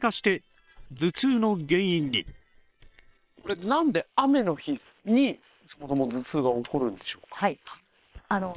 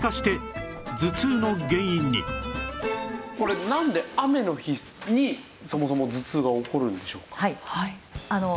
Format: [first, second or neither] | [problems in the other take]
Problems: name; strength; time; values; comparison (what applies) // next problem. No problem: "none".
second | noise reduction (neural separator model SepFormer WHAM!)